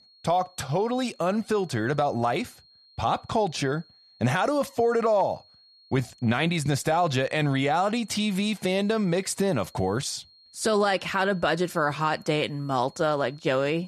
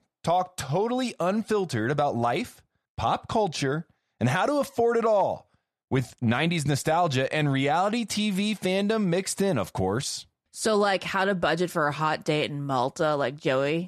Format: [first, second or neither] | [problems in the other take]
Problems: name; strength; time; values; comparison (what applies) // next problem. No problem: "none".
second | high-pitched whine; faint; throughout; 4.5 kHz, 30 dB below the speech